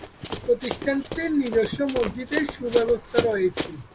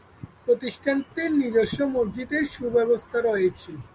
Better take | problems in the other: second | background sound (Run); 8 dB below the speech

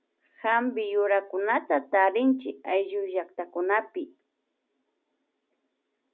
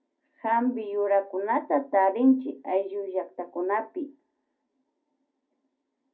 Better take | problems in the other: first | room echo; dies away in 0.2 s

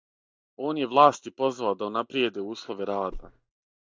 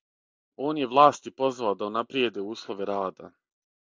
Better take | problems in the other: second | noise reduction (neural mask model DeepFilterNet 3)

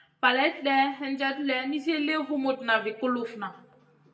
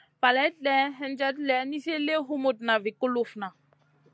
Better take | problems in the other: second | room echo; dies away in 0.6 s

